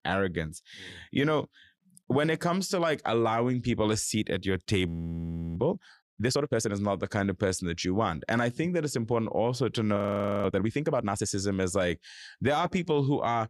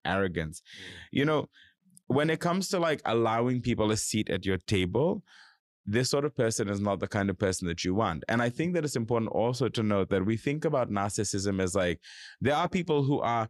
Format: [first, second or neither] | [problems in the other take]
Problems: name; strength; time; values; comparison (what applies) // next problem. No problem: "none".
second | audio freezing; at 5 s for 0.5 s and at 10 s